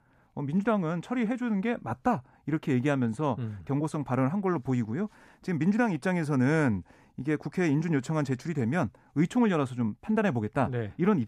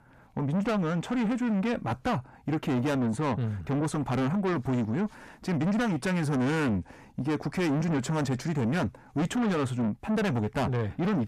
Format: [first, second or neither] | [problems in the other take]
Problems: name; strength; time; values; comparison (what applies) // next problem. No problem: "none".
first | distortion; heavy; 6 dB below the speech